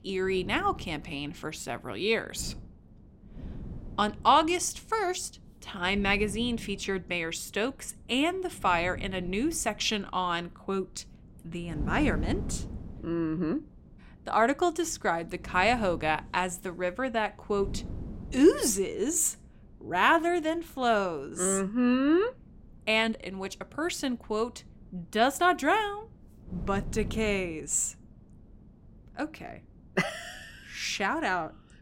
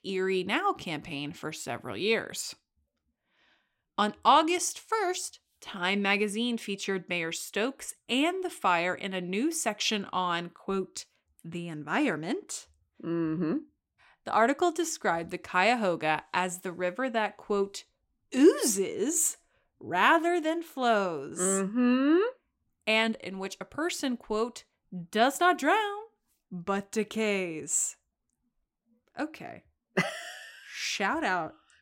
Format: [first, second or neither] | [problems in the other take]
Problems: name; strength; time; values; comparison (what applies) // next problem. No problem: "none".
second | wind noise on the microphone; occasional gusts; 25 dB below the speech